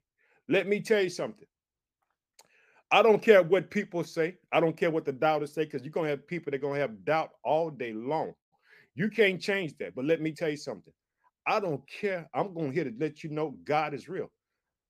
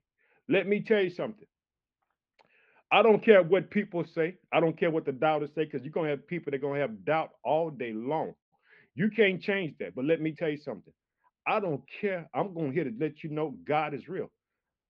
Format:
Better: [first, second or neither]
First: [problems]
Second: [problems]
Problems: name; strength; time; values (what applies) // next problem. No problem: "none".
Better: first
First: none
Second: muffled; slightly; fading above 3 kHz